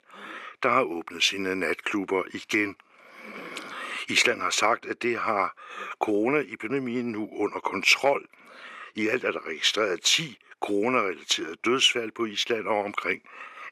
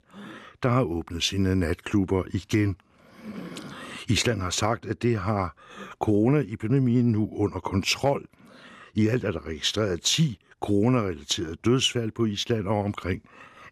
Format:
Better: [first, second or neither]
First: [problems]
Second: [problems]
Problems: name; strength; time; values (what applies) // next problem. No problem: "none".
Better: second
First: thin; somewhat; fading below 450 Hz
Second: none